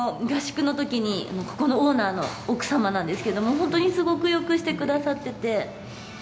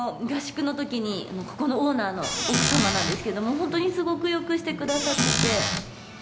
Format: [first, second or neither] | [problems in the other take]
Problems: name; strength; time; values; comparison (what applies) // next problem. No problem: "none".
first | background sound (Squeak / Cupboard open or close); 2 dB above the speech